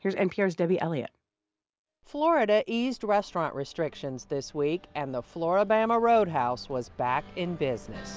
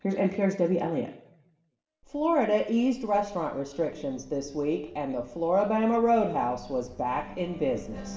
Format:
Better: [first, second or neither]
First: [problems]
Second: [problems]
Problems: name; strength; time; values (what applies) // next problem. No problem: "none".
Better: first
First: none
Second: room echo; dies away in 0.7 s